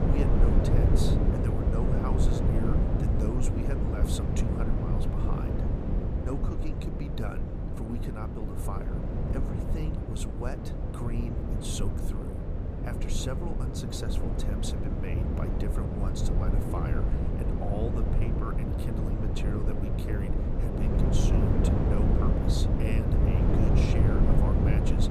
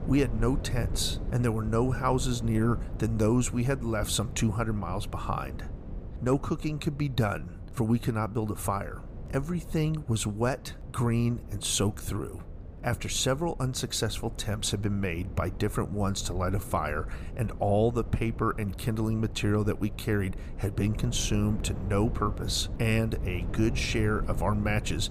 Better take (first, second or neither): second